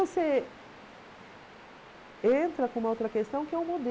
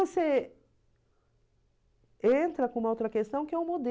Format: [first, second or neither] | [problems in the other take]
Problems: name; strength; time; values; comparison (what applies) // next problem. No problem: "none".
second | background sound (Waves, surf); 19 dB below the speech